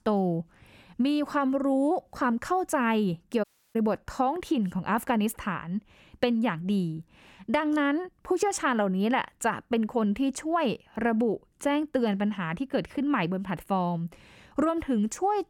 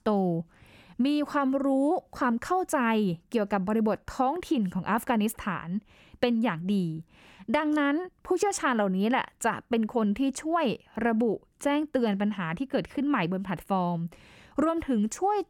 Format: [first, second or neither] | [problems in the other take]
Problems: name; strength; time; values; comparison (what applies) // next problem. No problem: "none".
second | audio cutting out; at 3.5 s